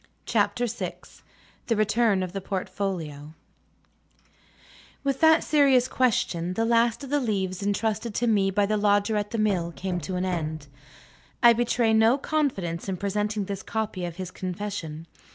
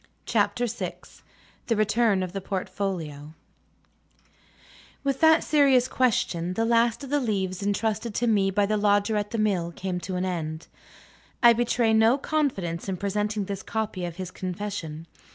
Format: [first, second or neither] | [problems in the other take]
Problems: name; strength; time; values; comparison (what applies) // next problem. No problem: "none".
second | background sound (Knock); 14 dB below the speech